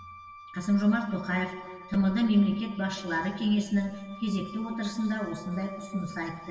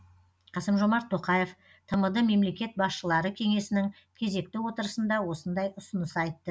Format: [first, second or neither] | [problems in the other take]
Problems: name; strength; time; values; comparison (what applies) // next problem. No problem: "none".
second | background sound (Wind instrument, woodwind instrument); 19 dB below the speech // room echo; dies away in 1.3 s